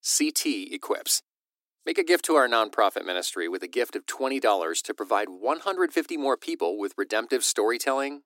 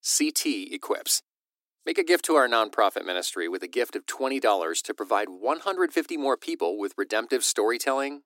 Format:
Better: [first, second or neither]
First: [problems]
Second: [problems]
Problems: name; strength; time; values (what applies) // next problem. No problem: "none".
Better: neither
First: thin; somewhat; fading below 300 Hz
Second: thin; somewhat; fading below 300 Hz